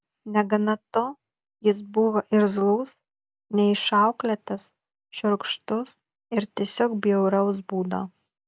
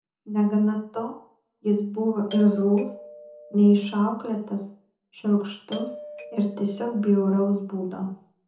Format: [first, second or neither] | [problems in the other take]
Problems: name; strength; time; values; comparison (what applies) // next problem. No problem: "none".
first | background sound (Doorbell); 17 dB below the speech // room echo; dies away in 0.5 s